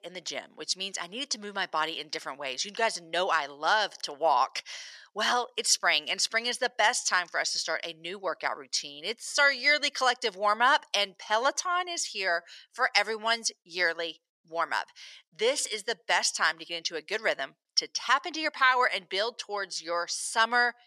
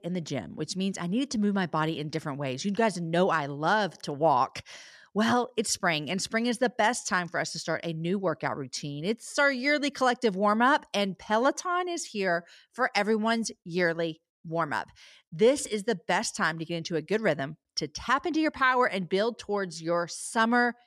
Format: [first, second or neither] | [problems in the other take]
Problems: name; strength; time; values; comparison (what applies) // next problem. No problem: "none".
second | thin; very; fading below 650 Hz